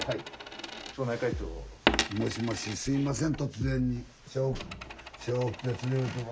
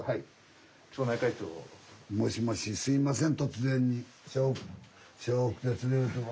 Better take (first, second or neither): second